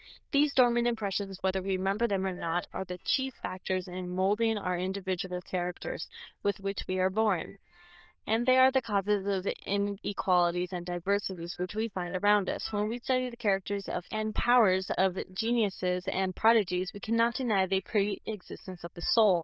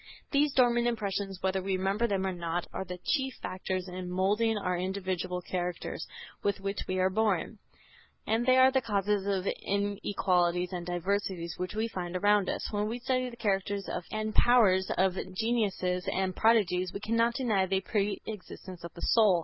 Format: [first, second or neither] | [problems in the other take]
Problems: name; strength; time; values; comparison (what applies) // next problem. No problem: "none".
second | noise reduction (neural diffusion model UNIVERSE++)